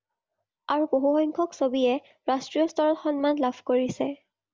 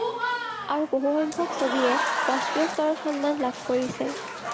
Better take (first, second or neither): first